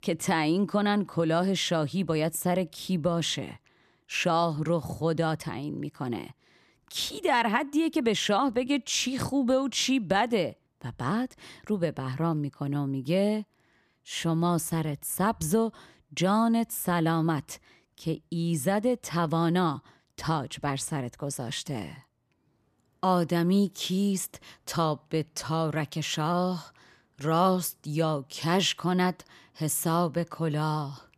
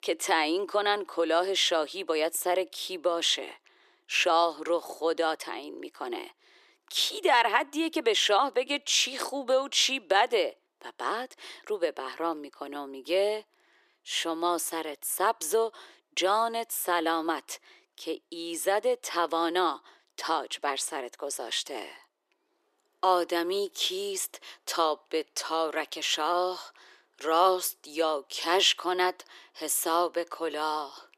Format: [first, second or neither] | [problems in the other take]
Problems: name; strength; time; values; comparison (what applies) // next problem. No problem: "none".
first | thin; very; fading below 350 Hz